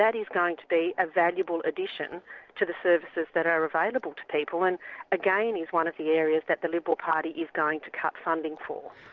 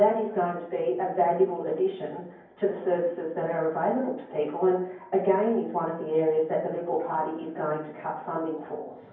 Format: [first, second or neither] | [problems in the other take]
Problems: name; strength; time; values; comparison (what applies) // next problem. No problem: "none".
first | room echo; dies away in 0.9 s